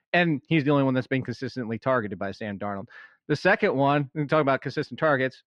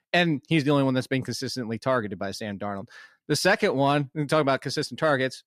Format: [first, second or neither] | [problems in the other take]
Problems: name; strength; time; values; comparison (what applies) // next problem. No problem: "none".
second | muffled; slightly; fading above 2.5 kHz